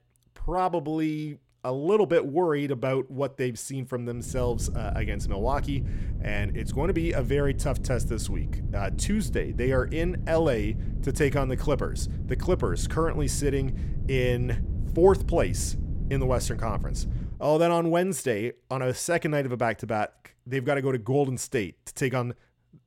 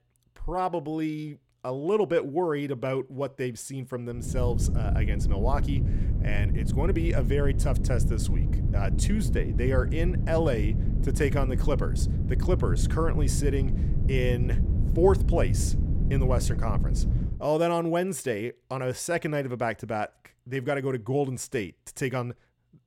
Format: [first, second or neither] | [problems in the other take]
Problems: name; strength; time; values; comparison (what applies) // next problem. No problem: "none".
first | wind noise on the microphone; heavy; from 4 to 17 s; 10 dB below the speech; occasional gusts in the first